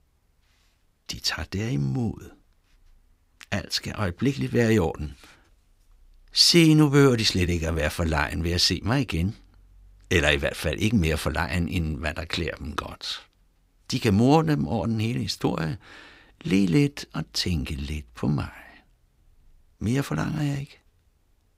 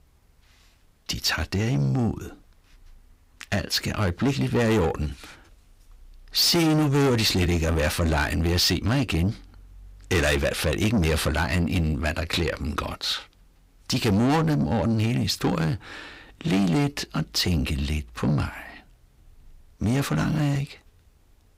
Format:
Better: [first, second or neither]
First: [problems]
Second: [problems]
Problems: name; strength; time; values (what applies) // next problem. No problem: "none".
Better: first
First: none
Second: distortion; heavy; 6 dB below the speech